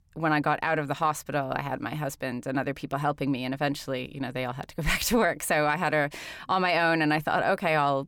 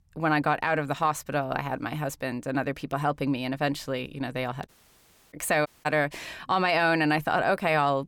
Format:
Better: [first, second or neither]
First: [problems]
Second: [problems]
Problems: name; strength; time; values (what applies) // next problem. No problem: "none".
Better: first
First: none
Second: audio cutting out; at 4.5 s for 0.5 s and at 5.5 s